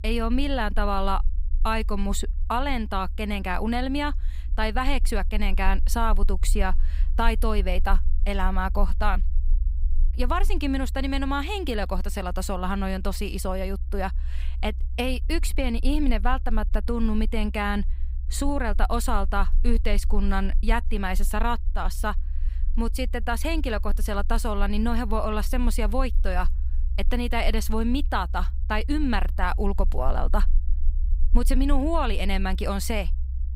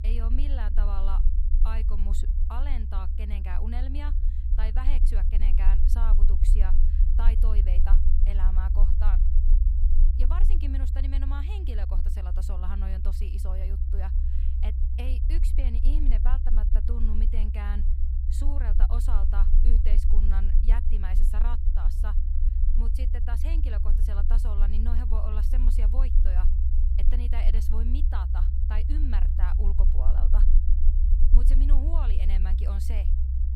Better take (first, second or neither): first